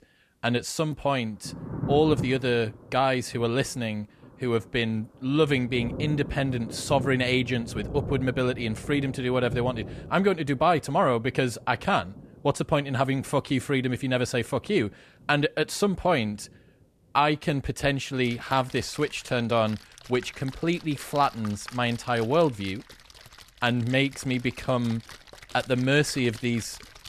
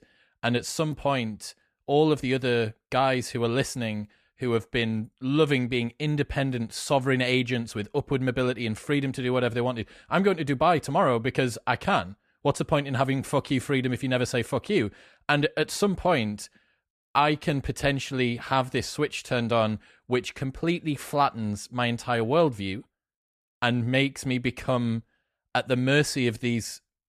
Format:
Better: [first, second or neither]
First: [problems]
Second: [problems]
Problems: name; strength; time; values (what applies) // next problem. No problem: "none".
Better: second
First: rain or running water; noticeable; throughout; 15 dB below the speech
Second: none